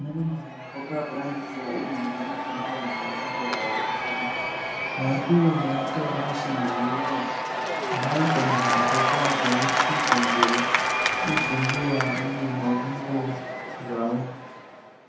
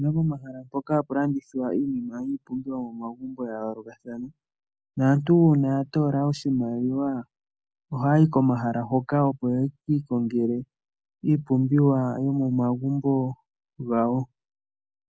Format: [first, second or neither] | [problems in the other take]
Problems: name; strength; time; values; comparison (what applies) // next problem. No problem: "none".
second | background sound (Applause / Crowd / Cheering); 2 dB above the speech // room echo; dies away in 0.6 s